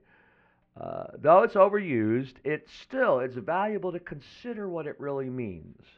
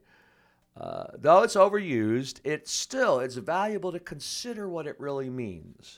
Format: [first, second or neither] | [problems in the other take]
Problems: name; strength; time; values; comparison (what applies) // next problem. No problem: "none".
second | muffled; very; fading above 2.5 kHz